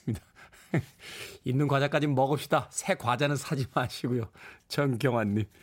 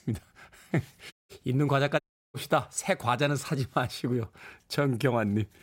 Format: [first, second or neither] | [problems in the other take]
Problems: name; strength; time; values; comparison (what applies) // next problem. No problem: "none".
first | audio cutting out; at 1 s and at 2 s